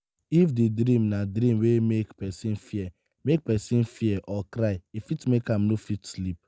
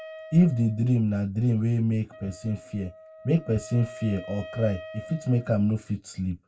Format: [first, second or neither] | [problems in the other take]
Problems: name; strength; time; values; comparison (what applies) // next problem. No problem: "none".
first | background sound (Wind instrument, woodwind instrument); 19 dB below the speech // room echo; dies away in 0.2 s